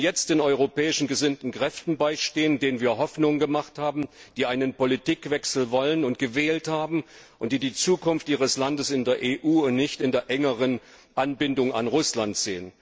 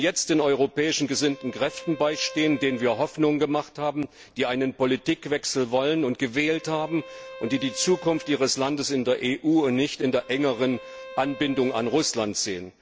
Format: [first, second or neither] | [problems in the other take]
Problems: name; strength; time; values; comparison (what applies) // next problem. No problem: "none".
first | background sound (Bowed string instrument); 18 dB below the speech